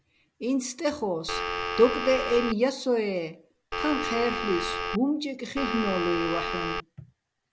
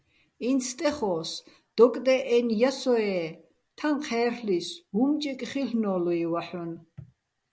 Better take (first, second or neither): second